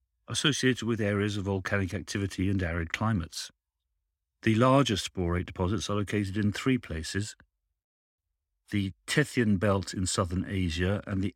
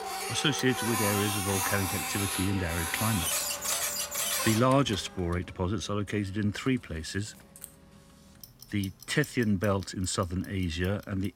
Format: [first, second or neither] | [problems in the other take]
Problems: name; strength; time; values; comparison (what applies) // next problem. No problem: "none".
first | household noises; loud; throughout; as loud as the speech